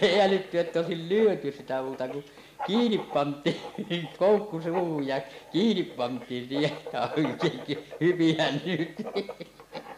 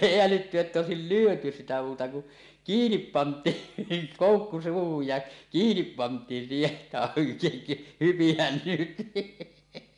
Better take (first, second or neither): second